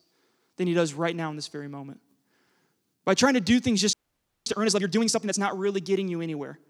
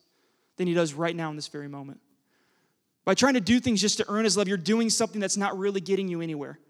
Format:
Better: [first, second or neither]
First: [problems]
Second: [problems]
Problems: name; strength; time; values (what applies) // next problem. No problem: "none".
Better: second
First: audio freezing; at 4 s for 0.5 s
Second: none